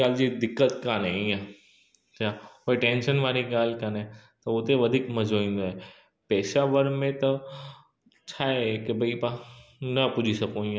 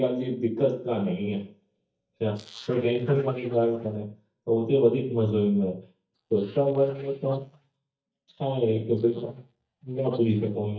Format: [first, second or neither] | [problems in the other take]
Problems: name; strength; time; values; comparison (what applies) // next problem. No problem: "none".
first | noise reduction (neural mask model DeepFilterNet 3)